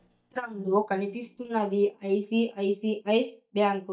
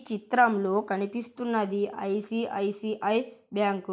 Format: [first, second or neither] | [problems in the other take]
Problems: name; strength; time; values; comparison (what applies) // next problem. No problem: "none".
second | noise reduction (neural mask model DeepFilterNet 3)